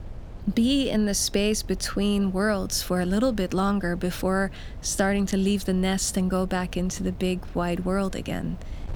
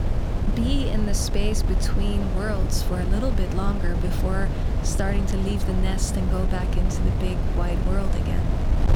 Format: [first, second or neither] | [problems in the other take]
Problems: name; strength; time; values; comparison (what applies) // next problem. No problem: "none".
first | wind noise on the microphone; heavy; 3 dB below the speech; occasional gusts in the first